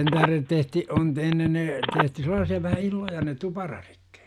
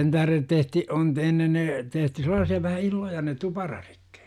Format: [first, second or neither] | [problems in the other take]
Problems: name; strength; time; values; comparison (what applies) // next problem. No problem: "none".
second | background sound (Telephone); 4 dB below the speech